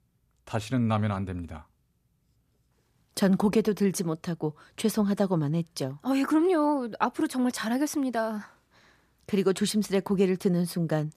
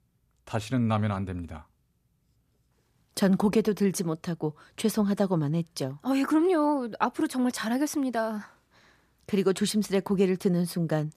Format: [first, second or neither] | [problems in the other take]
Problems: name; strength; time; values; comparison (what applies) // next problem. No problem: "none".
neither | none